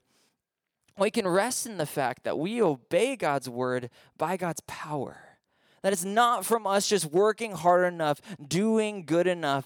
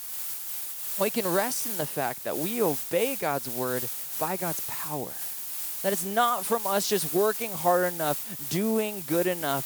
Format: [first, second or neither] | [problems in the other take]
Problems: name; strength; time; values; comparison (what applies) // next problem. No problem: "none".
first | hiss; loud; throughout; 2 dB below the speech